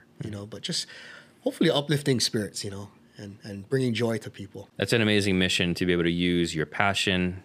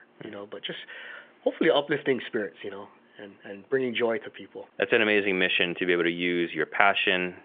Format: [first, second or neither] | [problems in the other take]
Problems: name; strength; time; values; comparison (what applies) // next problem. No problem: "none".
first | phone-call audio; nothing above 3.5 kHz